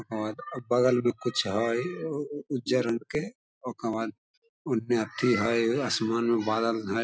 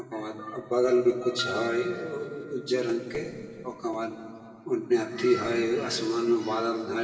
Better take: first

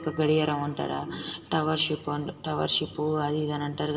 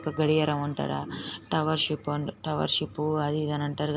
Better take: second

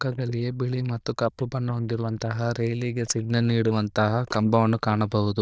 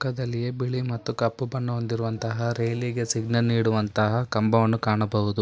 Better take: second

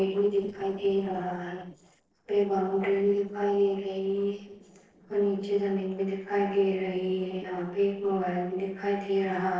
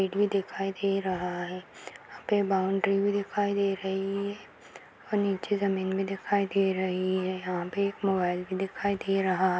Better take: second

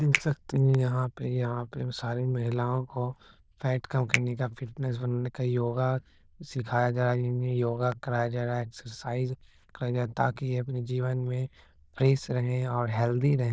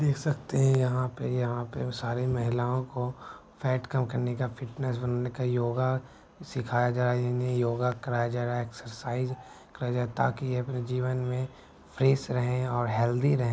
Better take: second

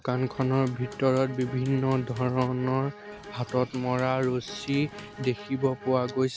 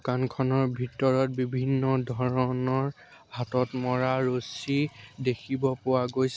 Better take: second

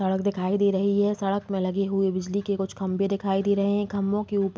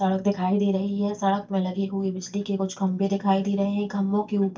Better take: first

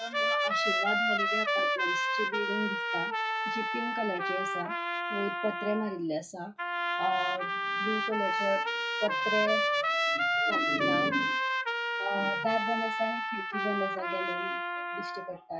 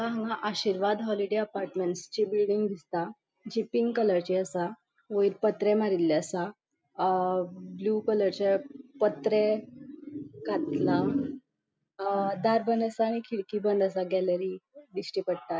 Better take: second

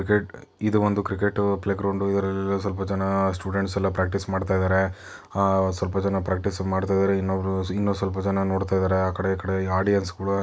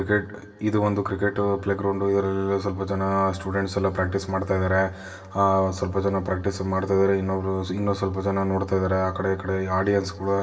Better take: first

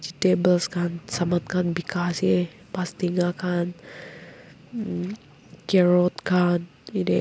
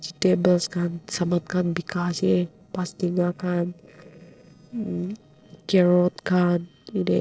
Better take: first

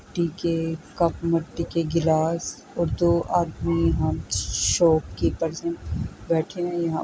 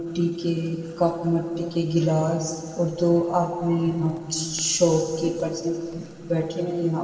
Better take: first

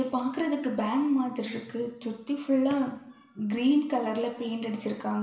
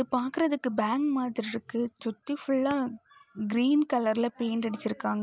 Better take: second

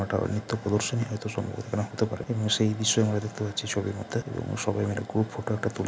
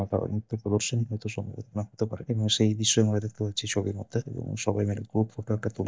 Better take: first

